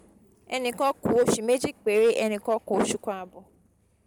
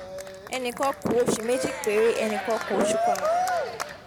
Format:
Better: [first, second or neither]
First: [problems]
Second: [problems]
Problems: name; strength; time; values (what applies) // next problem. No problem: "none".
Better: first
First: none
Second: background sound (Cheering); 2 dB below the speech